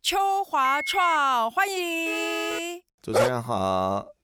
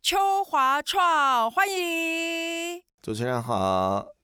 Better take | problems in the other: second | phone ringing; noticeable; at 0.5 s; peak 4 dB below the speech // siren; noticeable; at 2 s; peak 7 dB below the speech // dog barking; loud; at 3 s; peak level with the speech

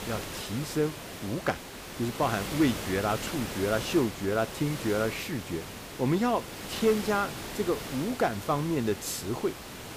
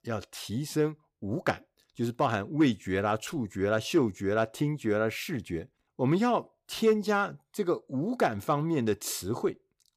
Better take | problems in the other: second | hiss; loud; throughout; 8 dB below the speech

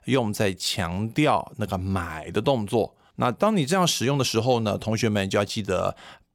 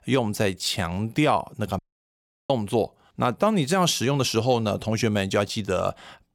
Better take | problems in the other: first | audio cutting out; at 2 s for 0.5 s

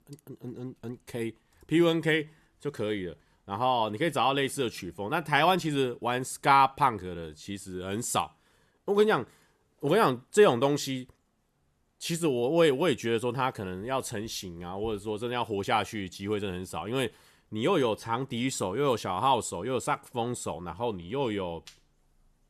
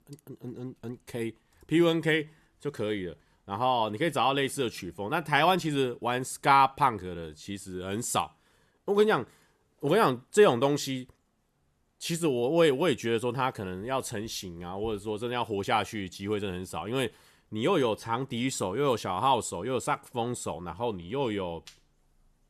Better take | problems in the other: neither | none

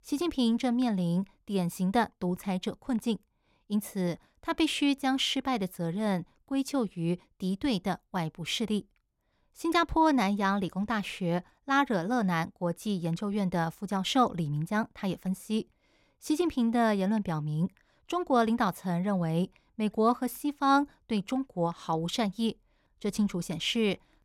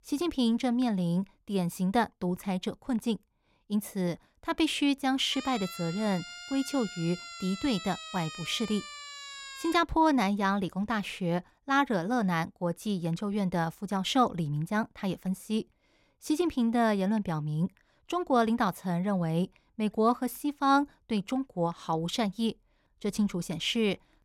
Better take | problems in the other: first | siren; faint; from 5.5 to 10 s; peak 10 dB below the speech

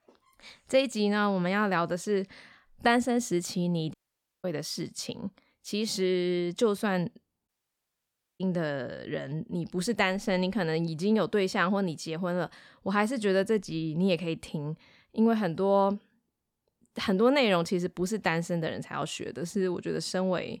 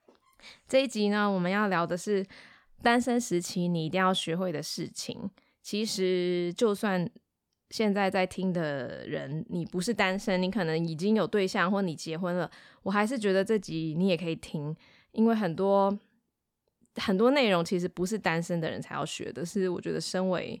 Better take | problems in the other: second | audio cutting out; at 4 s for 0.5 s and at 7.5 s for 1 s

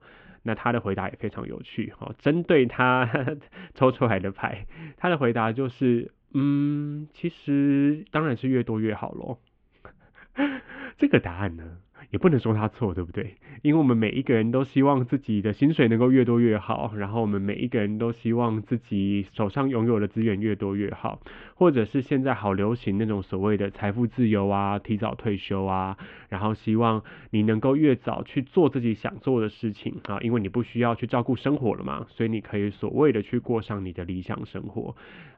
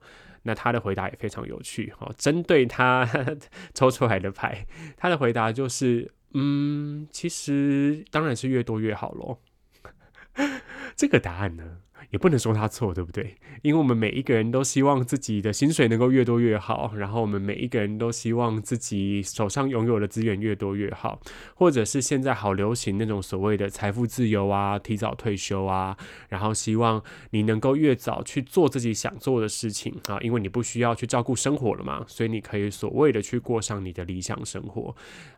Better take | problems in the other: second | muffled; very; fading above 3 kHz

